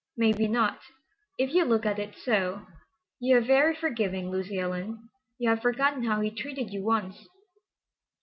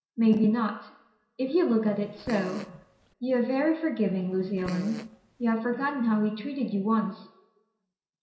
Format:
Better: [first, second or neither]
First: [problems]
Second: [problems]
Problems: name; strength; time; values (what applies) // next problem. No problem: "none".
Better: first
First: none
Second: background sound (Fart); 16 dB below the speech // room echo; dies away in 0.7 s